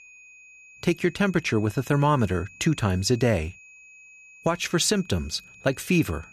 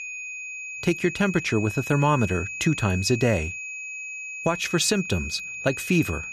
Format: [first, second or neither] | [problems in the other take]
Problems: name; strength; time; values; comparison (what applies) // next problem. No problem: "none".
first | high-pitched whine; loud; throughout; 2.5 kHz, 8 dB below the speech; faint in the first